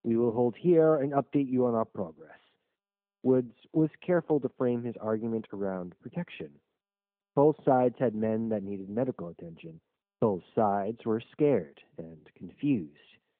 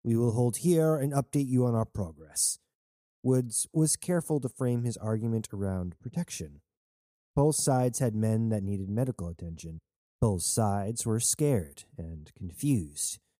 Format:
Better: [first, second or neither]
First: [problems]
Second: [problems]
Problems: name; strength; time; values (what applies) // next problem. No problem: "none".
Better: second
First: phone-call audio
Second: none